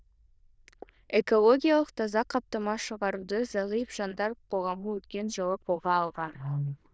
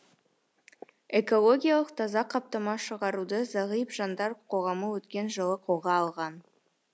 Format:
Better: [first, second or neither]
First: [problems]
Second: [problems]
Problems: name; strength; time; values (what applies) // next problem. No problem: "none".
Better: second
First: noise reduction (neural diffusion model UNIVERSE++)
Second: none